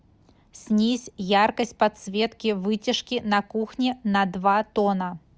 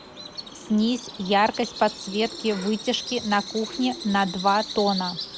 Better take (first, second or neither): first